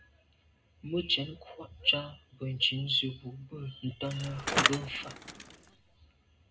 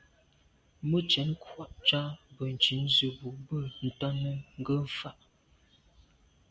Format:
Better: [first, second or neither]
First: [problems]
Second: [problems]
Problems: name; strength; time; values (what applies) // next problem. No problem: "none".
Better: second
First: background sound (Bicycle); 1 dB above the speech // room echo; dies away in 0.2 s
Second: none